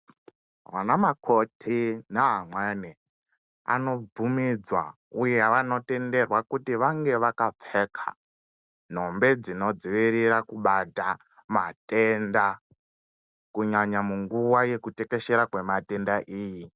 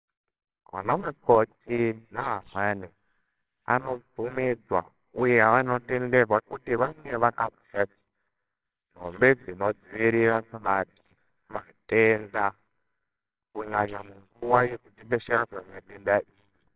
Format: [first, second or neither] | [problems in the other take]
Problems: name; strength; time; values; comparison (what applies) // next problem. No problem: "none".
first | noise reduction (neural separator model SepFormer WHAMR!)